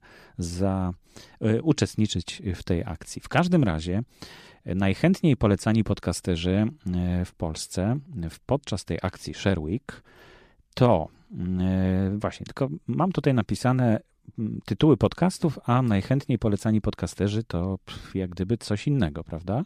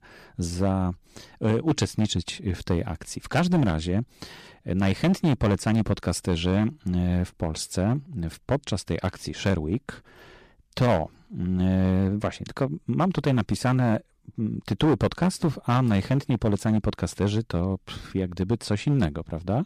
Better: first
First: none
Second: distortion; slight; 5% of the sound clipped

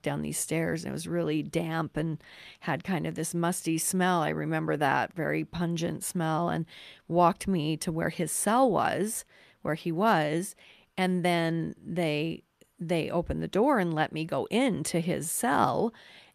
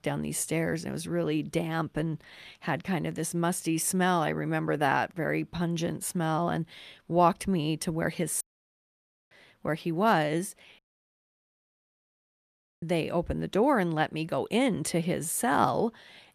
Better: first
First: none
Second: audio cutting out; at 8.5 s for 1 s and at 11 s for 2 s

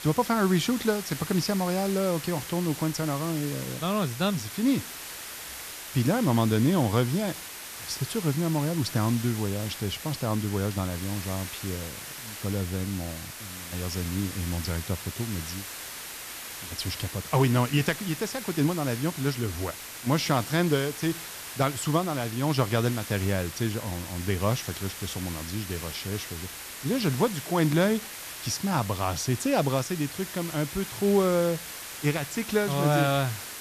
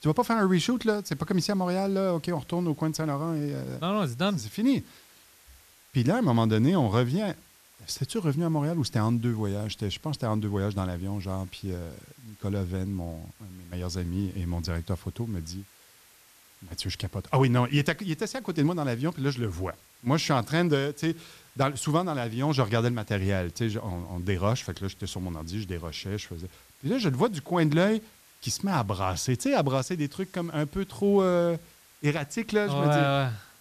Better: second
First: hiss; loud; throughout; 9 dB below the speech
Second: hiss; faint; throughout; 25 dB below the speech

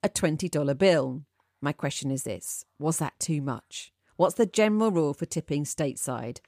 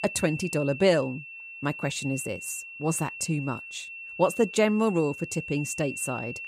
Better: first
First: none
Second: high-pitched whine; noticeable; throughout; 2.5 kHz, 10 dB below the speech

